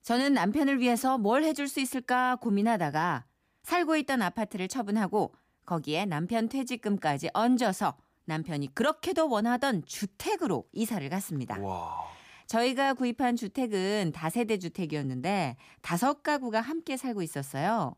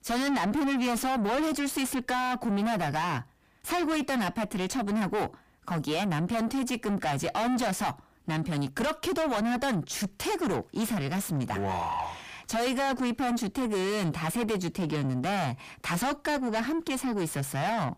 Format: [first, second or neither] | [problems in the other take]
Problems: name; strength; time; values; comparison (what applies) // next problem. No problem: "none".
first | distortion; heavy; 4 dB below the speech